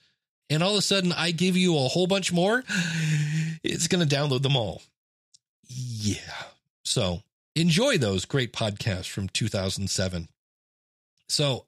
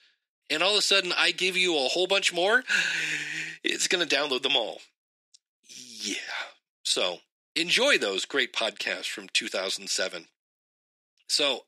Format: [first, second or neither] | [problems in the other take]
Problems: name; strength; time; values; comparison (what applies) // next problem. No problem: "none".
first | thin; very; fading below 250 Hz